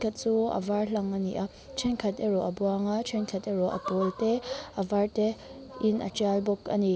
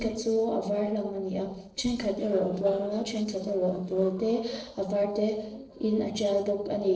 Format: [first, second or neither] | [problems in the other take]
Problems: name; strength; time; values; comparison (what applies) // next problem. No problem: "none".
first | noise reduction (neural separator model SepFormer DNS4)